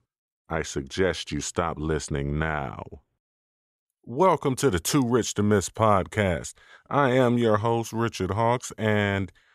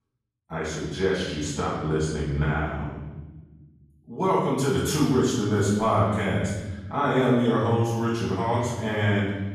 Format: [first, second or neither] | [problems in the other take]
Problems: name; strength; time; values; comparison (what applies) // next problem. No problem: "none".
first | off-mic speech; far // room echo; strong; dies away in 1.3 s